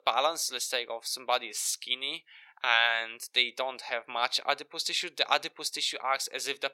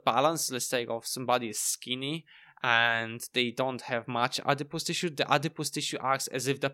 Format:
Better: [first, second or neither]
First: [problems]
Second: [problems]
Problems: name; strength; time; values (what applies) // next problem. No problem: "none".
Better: second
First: thin; very; fading below 650 Hz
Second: none